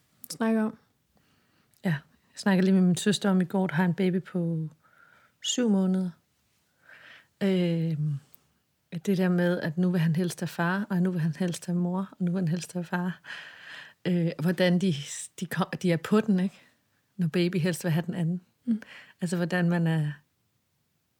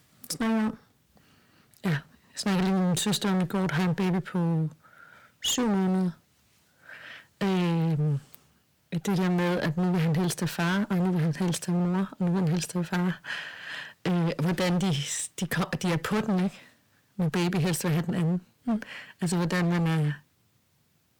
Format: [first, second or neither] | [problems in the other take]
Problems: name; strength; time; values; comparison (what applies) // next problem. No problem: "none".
first | distortion; heavy; 28% of the sound clipped